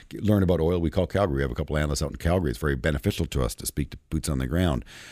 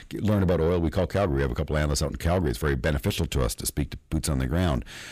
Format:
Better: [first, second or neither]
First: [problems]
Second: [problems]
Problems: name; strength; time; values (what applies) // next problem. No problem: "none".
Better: first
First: none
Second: distortion; slight; 10 dB below the speech